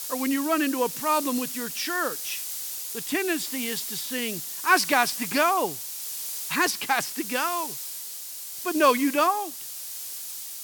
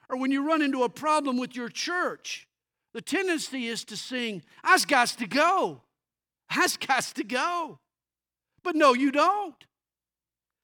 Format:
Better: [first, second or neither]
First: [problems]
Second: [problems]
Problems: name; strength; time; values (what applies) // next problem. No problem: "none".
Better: second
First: hiss; loud; throughout; 6 dB below the speech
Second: none